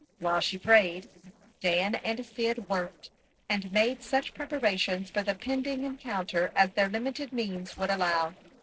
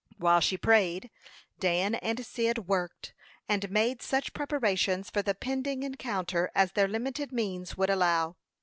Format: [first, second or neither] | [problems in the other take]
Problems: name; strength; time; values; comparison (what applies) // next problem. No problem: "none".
second | noise reduction (neural separator model SepFormer DNS4)